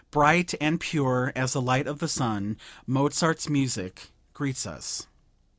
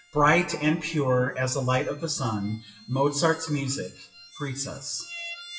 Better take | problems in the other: first | noise reduction (classical method WPE with log-MMSE)

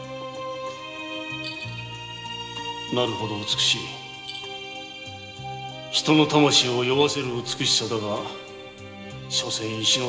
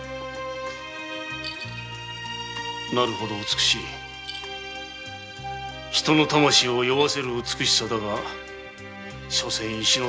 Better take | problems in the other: second | room echo; dies away in 2 s

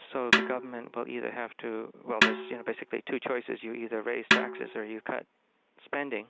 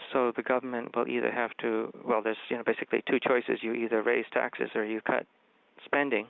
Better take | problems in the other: second | background sound (Snare drum); 3 dB above the speech

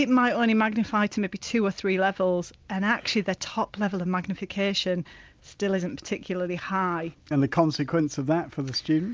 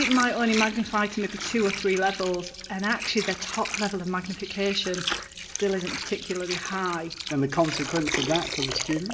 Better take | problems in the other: first | background sound (Water); 6 dB below the speech // room echo; dies away in 2 s

